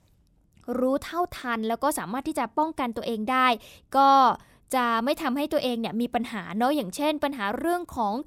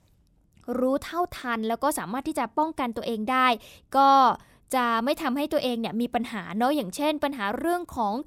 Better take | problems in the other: neither | none

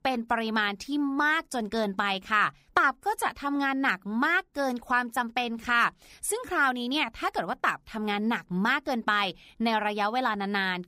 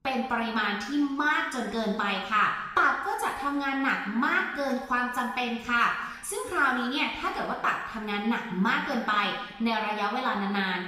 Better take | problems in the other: first | room echo; noticeable; dies away in 1.1 s // off-mic speech; somewhat distant

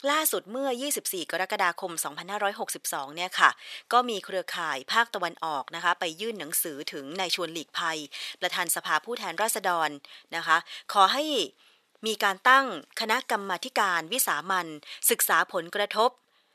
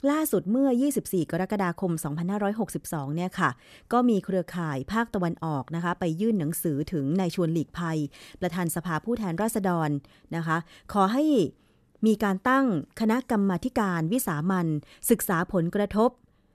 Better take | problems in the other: second | thin; very; fading below 750 Hz

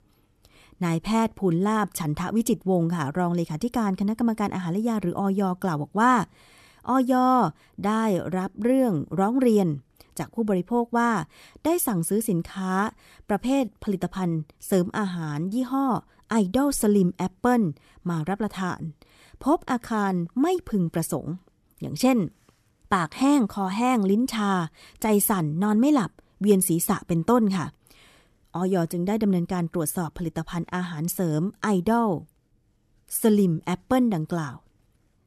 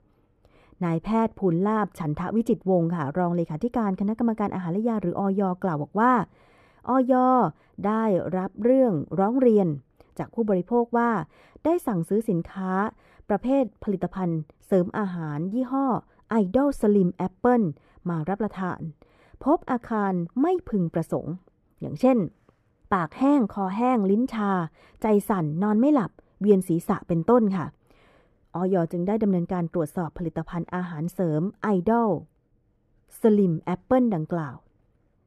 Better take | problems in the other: first | muffled; very; fading above 3 kHz

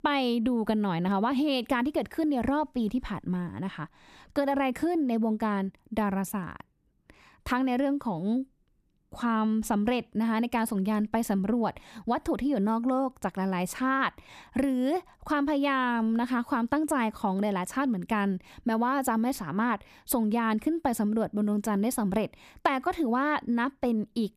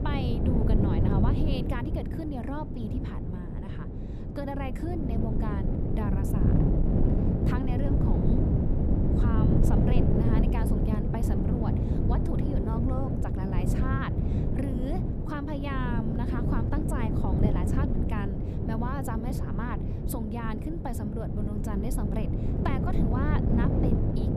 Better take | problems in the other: first | wind noise on the microphone; heavy; 1 dB above the speech

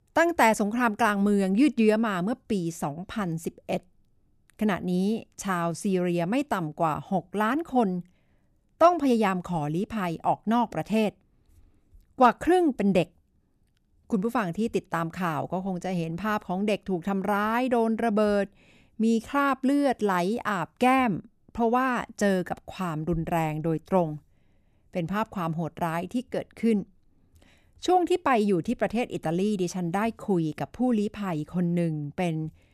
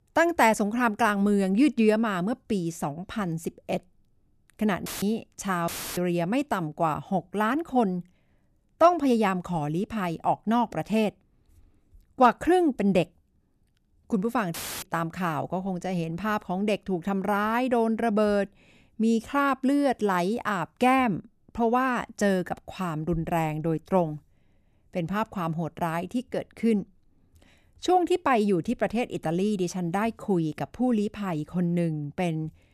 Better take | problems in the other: first | audio cutting out; filled with static; at 5 s, at 5.5 s and at 15 s

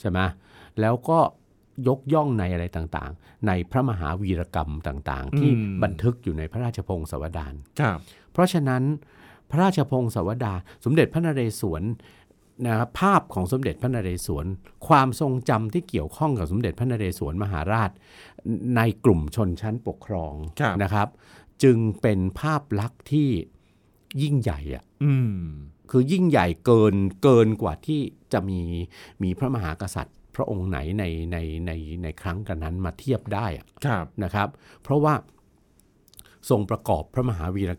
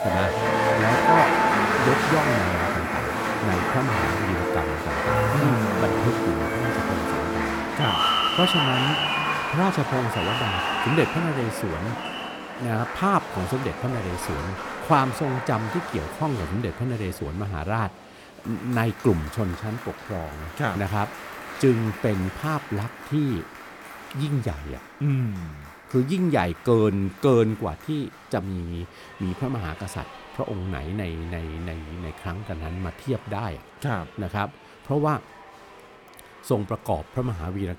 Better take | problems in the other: first | crowd noise; very loud; throughout; 2 dB above the speech

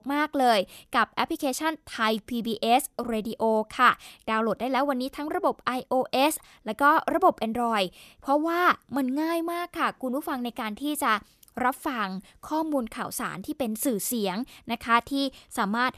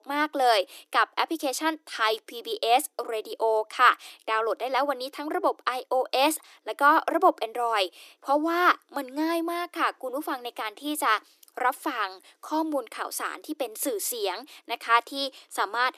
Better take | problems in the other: first | thin; somewhat; fading below 300 Hz

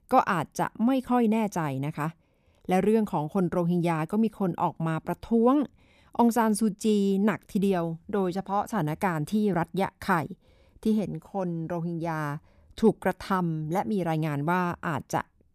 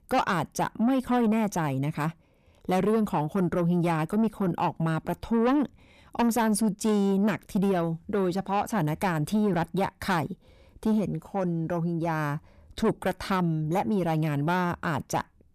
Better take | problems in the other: first | distortion; slight; 10 dB below the speech

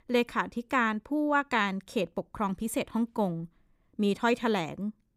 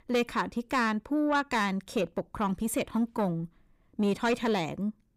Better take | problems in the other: first | distortion; slight; 10 dB below the speech

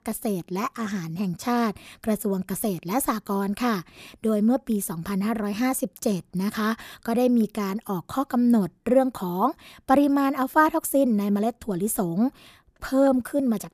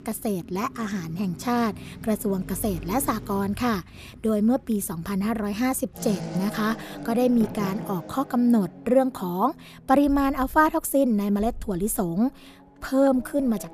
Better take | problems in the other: first | traffic noise; noticeable; throughout; 15 dB below the speech

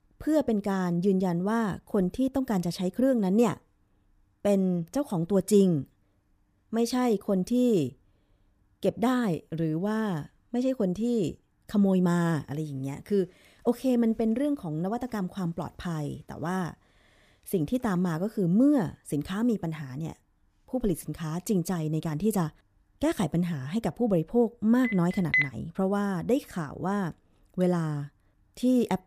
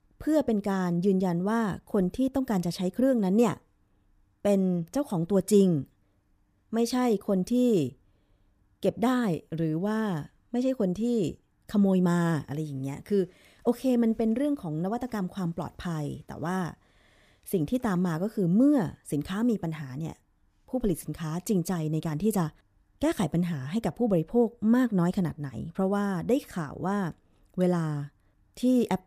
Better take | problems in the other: second | phone ringing; loud; at 25 s; peak 3 dB above the speech

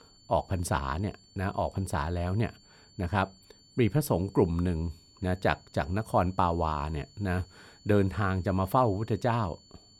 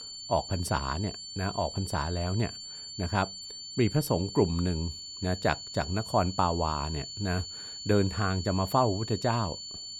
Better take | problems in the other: first | high-pitched whine; loud; throughout; 4.5 kHz, 9 dB below the speech; faint in the first

